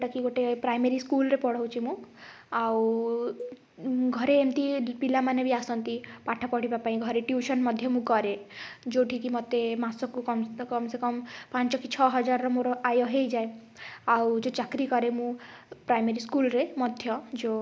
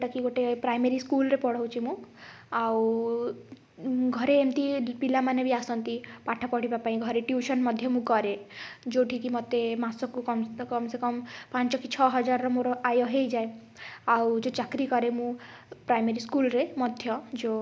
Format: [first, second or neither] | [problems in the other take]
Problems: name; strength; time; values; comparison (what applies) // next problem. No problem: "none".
second | noise reduction (neural mask model Resemble Enhance denoiser)